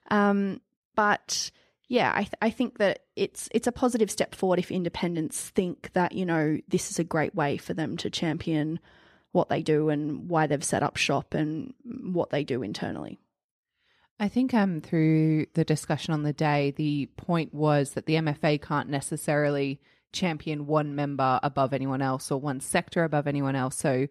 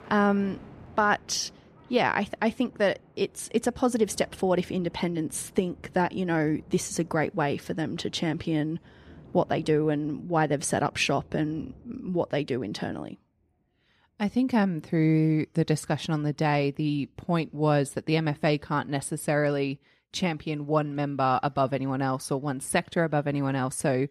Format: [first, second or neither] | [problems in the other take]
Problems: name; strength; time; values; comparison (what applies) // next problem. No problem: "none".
first | rain or running water; faint; throughout; 25 dB below the speech